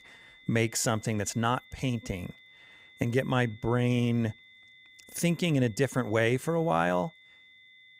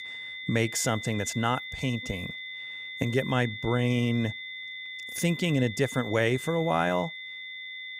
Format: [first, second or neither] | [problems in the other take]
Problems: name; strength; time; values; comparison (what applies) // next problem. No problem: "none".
first | high-pitched whine; loud; throughout; 2 kHz, 9 dB below the speech; faint in the first